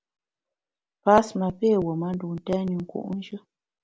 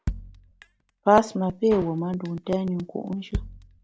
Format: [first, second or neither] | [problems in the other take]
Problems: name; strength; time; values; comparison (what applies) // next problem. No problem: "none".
first | background sound (Drum kit); 12 dB below the speech